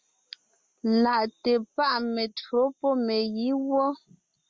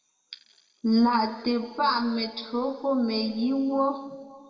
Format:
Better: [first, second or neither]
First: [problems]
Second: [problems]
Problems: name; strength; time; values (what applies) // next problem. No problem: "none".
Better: first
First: none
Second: room echo; dies away in 1.7 s